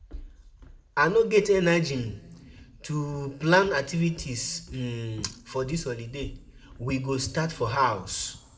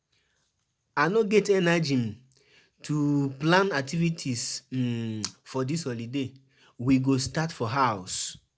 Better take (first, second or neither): second